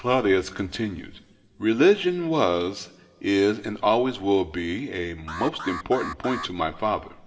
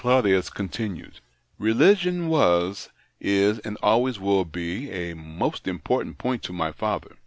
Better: second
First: background sound (Alarm); 11 dB below the speech // room echo; dies away in 1 s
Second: none

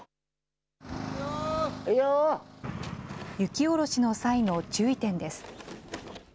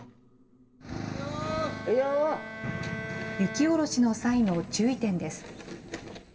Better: first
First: none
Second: background sound (Bowed string instrument); 14 dB below the speech // room echo; dies away in 2.9 s

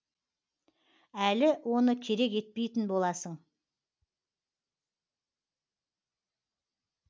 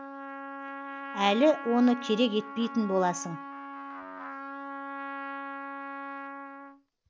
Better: first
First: none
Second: background sound (Trumpet); 9 dB below the speech

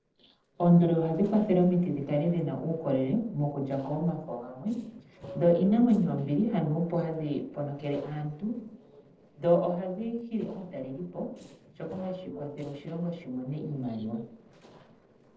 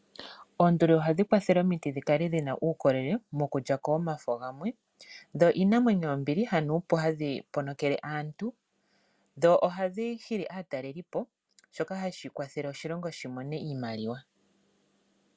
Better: second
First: noise reduction (neural separator model SepFormer DNS4)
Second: none

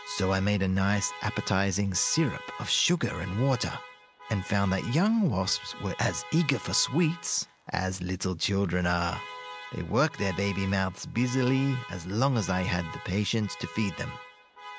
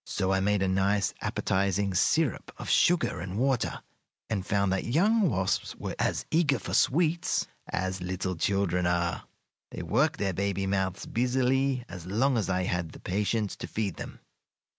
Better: second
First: background sound (Alarm); 15 dB below the speech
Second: none

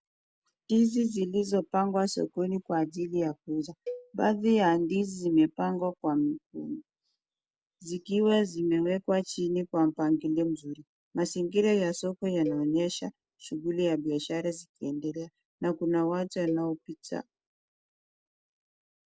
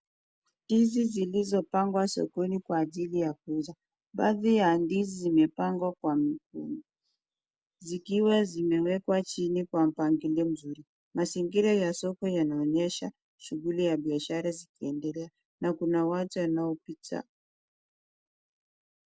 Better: second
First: background sound (Cowbell); 16 dB below the speech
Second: none

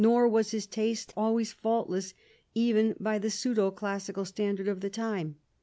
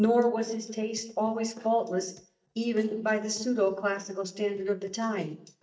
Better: first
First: none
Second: noise reduction (neural mask model DeepFilterNet 3)

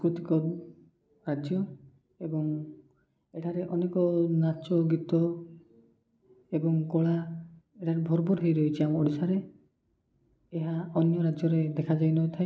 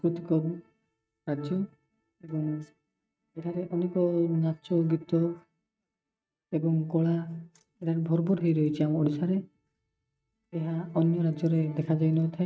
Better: first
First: none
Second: noise reduction (neural mask model RNNoise)

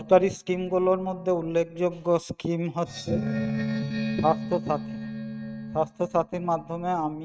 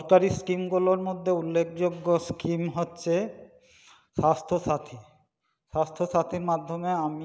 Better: second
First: noise reduction (neural mask model RNNoise)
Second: none

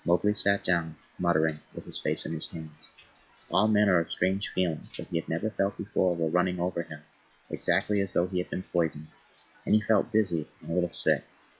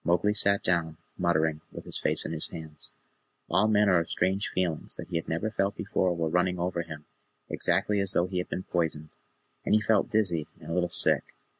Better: second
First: noise reduction (classical method log-MMSE)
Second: none

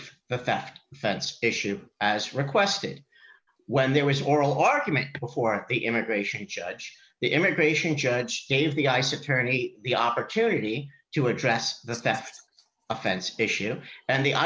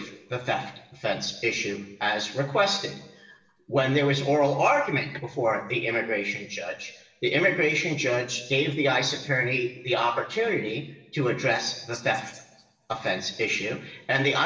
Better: first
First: none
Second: room echo; dies away in 0.9 s

